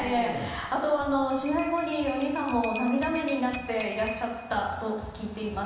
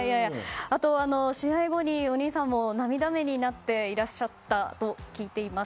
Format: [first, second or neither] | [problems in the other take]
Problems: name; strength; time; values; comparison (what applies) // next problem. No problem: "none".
second | background sound (Bell); 16 dB below the speech // room echo; dies away in 1.1 s